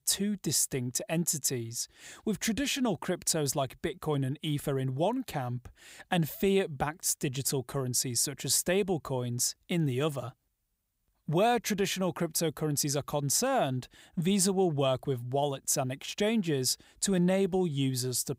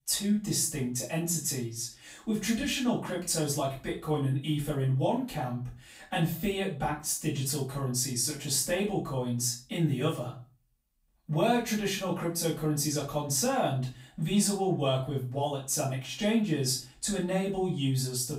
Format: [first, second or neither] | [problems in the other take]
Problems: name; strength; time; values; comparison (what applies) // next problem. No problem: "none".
first | room echo; slight; dies away in 0.3 s // off-mic speech; far